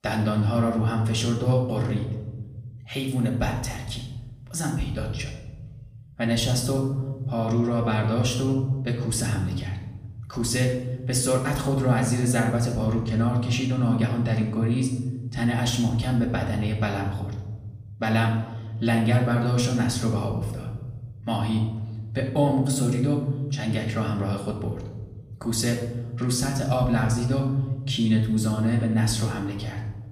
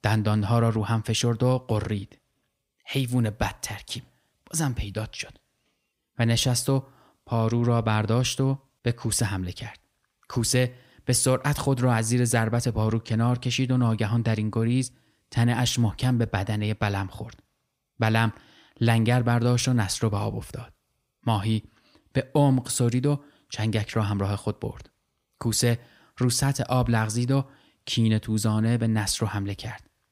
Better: second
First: off-mic speech; far // room echo; noticeable; dies away in 1.5 s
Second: none

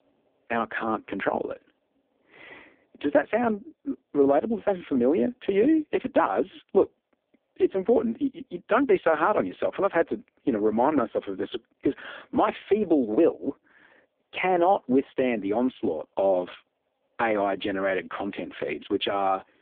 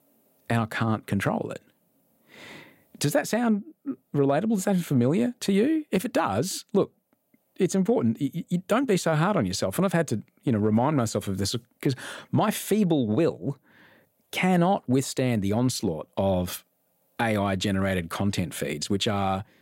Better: second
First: phone-call audio; poor line; nothing above 3.5 kHz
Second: none

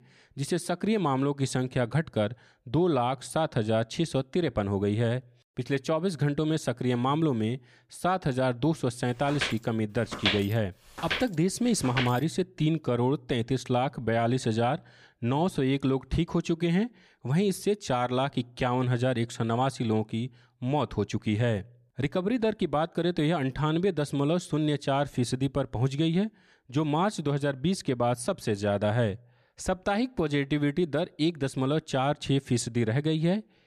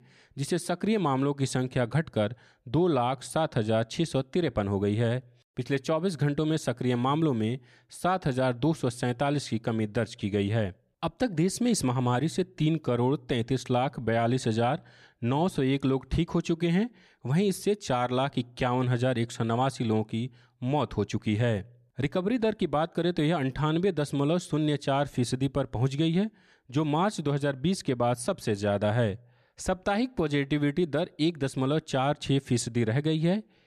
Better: second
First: footsteps; loud; from 9.5 to 12 s; peak level with the speech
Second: none

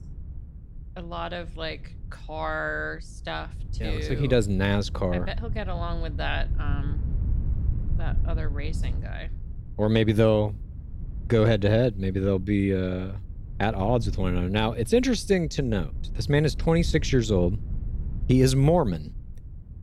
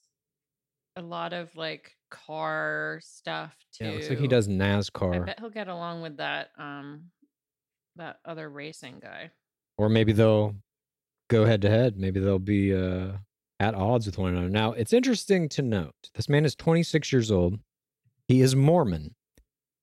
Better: second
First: wind noise on the microphone; occasional gusts; 20 dB below the speech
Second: none

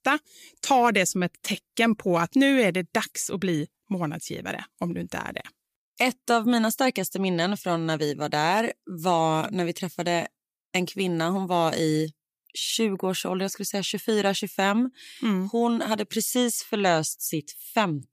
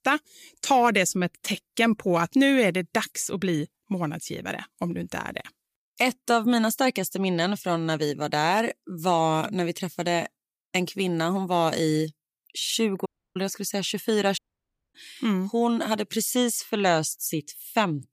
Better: first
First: none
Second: audio cutting out; at 13 s and at 14 s for 0.5 s

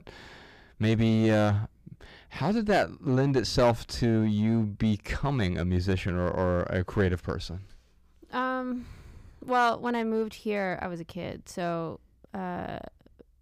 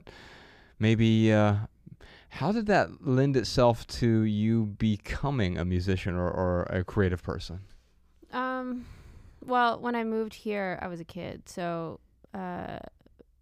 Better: second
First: distortion; slight; 3% of the sound clipped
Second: none

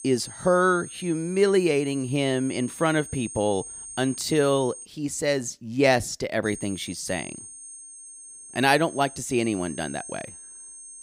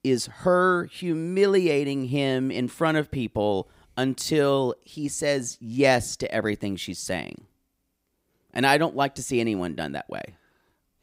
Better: second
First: high-pitched whine; noticeable; until 5 s and from 6.5 s on; 8.5 kHz, 15 dB below the speech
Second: none

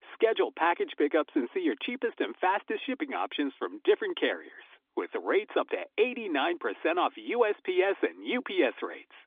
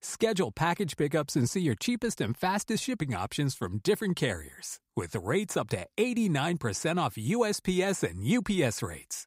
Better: second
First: phone-call audio; nothing above 3.5 kHz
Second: none

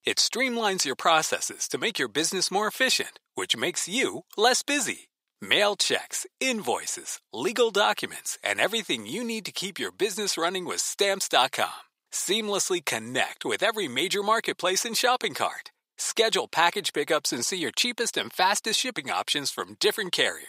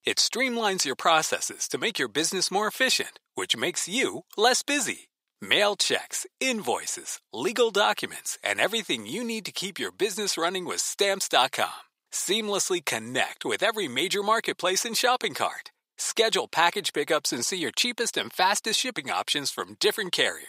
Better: neither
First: thin; very; fading below 500 Hz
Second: thin; very; fading below 500 Hz

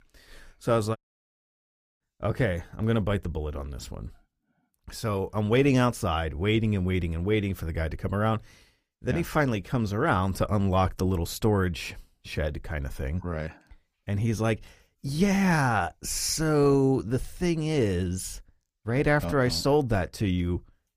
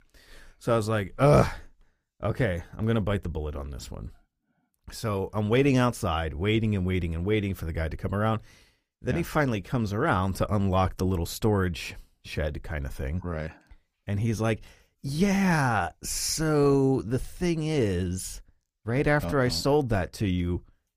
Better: second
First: audio cutting out; at 1 s for 1 s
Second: none

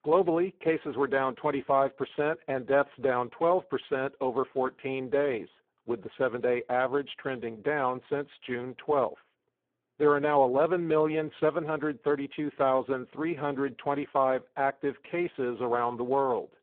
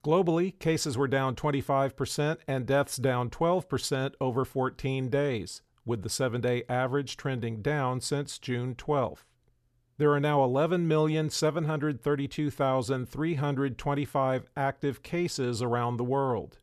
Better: second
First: phone-call audio; poor line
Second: none

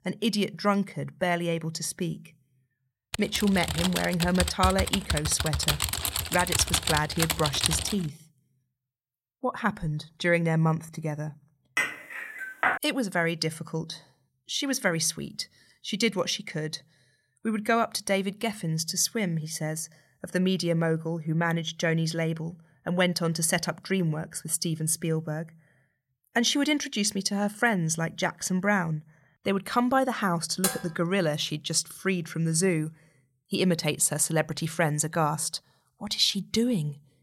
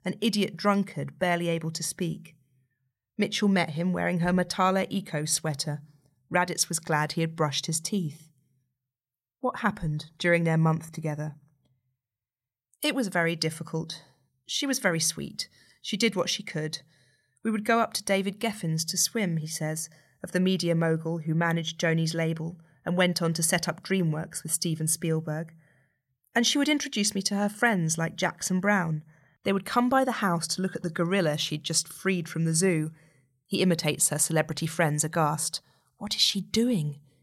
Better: second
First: keyboard typing; loud; from 3 to 8 s; peak 2 dB above the speech // clattering dishes; loud; from 12 to 13 s; peak 1 dB above the speech // clattering dishes; noticeable; at 31 s; peak 2 dB below the speech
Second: none

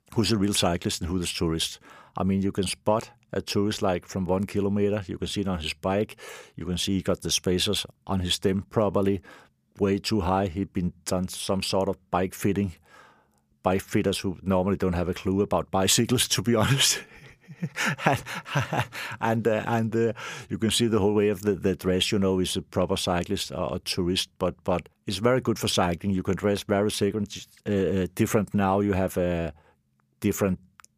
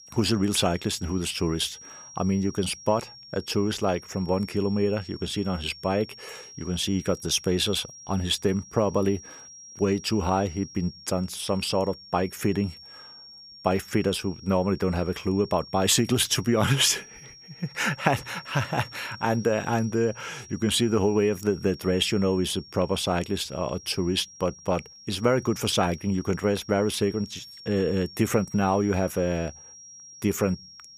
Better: first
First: none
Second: high-pitched whine; noticeable; throughout; 5.5 kHz, 20 dB below the speech

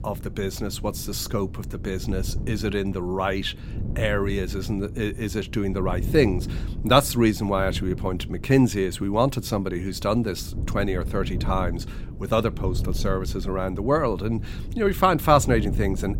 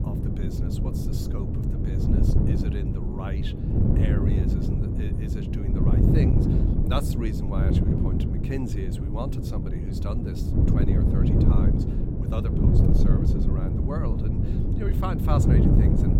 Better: first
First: wind noise on the microphone; occasional gusts; 20 dB below the speech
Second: wind noise on the microphone; heavy; 4 dB above the speech

